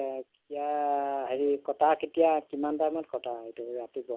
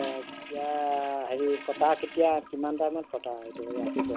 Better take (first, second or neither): first